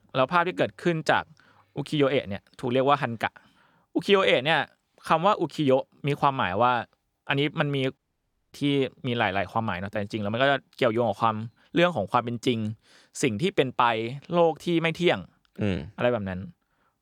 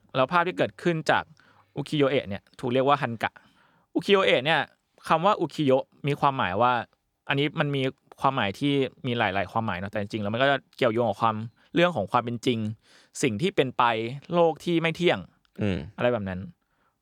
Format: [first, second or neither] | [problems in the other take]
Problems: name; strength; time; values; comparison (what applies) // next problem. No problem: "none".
second | audio cutting out; at 8 s for 0.5 s